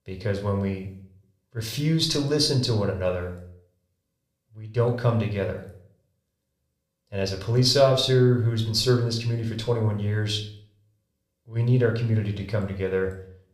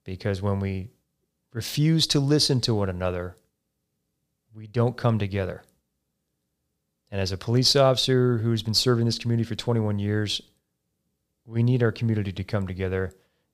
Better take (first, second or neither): second